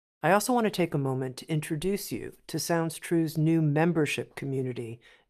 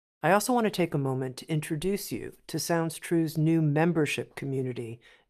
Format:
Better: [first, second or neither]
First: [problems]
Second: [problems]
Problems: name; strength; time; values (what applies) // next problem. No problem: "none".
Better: neither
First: none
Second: none